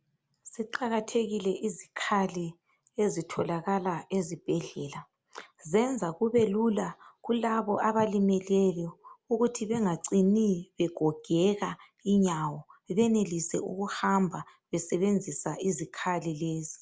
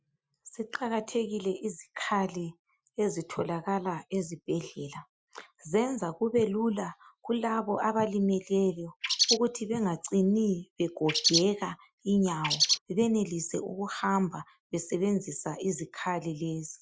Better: first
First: none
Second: noise reduction (classical method Wiener filter)

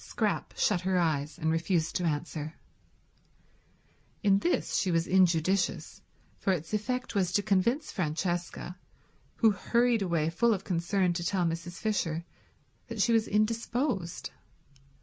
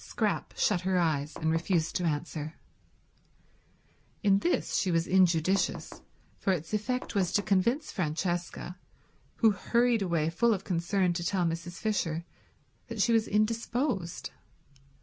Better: first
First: none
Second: background sound (Knock); 16 dB below the speech

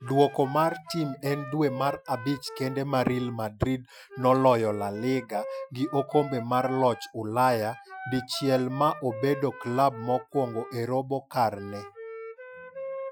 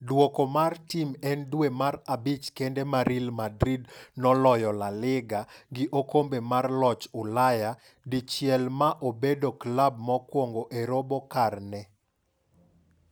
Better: second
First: noise reduction (classical method Wiener filter)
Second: none

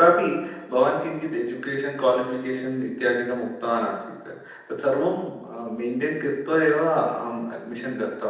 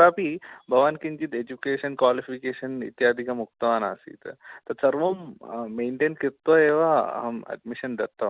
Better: second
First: room echo; dies away in 0.9 s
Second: none

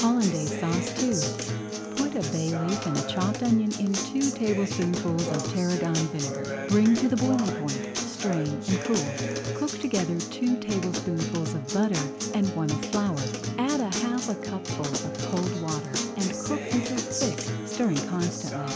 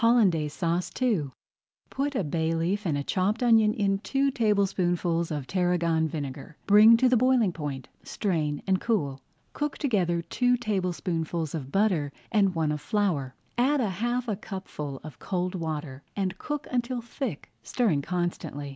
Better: second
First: background sound (Acoustic guitar); 3 dB below the speech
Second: none

